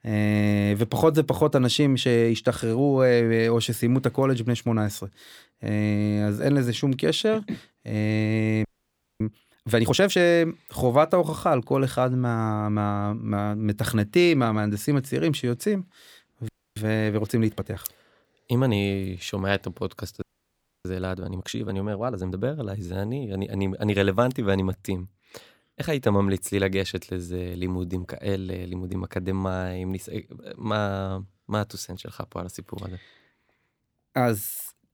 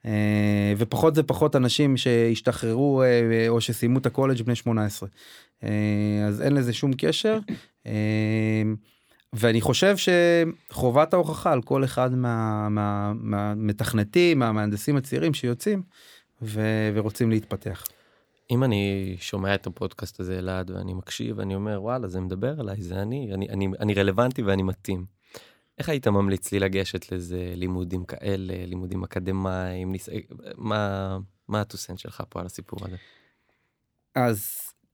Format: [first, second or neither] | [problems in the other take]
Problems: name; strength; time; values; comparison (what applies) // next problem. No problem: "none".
second | audio freezing; at 8.5 s for 0.5 s, at 16 s and at 20 s for 0.5 s